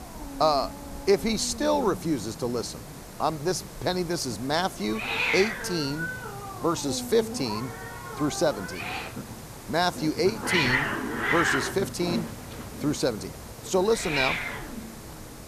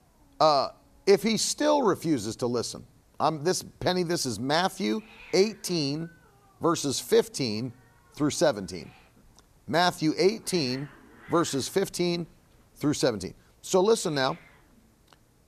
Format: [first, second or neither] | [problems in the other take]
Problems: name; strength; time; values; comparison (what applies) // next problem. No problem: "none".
second | hiss; loud; throughout; 4 dB below the speech; faint in the second